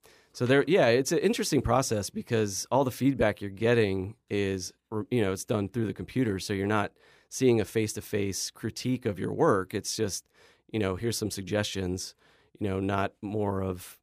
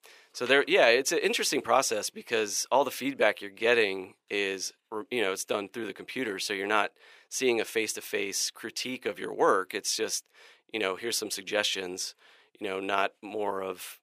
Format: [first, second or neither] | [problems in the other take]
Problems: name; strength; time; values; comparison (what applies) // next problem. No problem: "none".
first | thin; somewhat; fading below 450 Hz